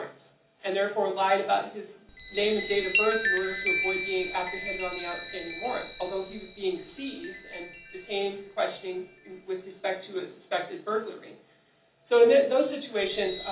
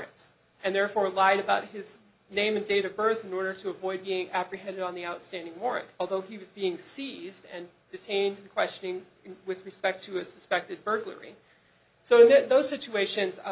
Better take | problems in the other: second | background sound (Chime); 8 dB below the speech // room echo; dies away in 0.4 s

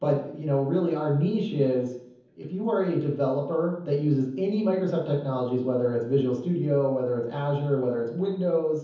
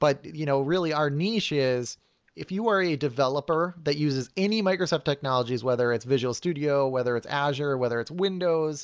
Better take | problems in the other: second | room echo; dies away in 0.7 s

